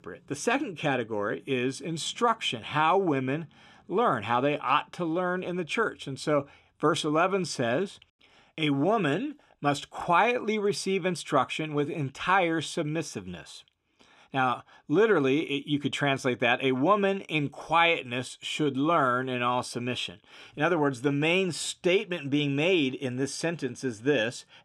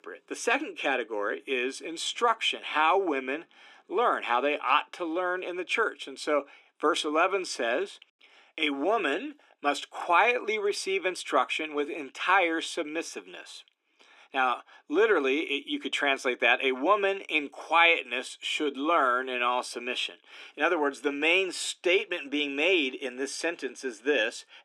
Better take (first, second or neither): first